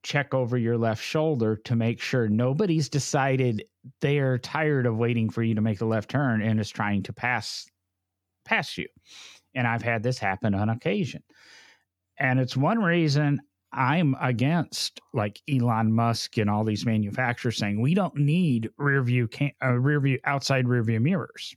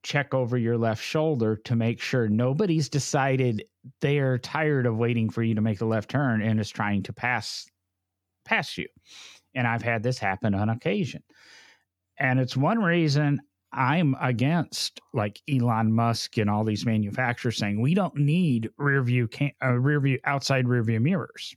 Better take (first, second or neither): neither